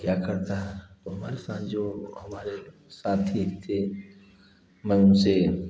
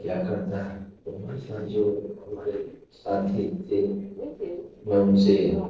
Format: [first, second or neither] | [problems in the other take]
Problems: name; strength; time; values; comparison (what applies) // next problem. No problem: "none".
first | noise reduction (neural separator model SepFormer DNS4)